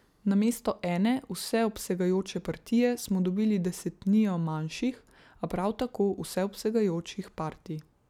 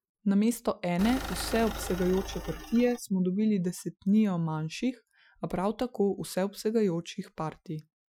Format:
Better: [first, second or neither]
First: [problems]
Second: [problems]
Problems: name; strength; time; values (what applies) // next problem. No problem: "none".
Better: first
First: none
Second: noise reduction (classical method Wiener filter)